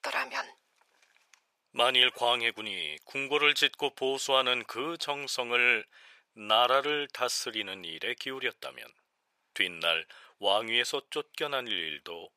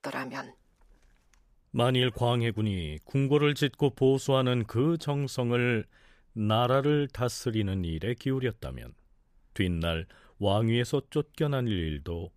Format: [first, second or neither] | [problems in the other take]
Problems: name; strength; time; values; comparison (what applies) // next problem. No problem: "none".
second | thin; very; fading below 750 Hz